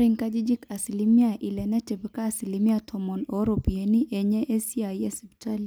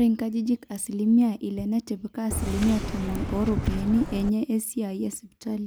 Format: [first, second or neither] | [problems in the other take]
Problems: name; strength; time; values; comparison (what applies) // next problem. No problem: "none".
first | background sound (Subway, metro, underground); 5 dB below the speech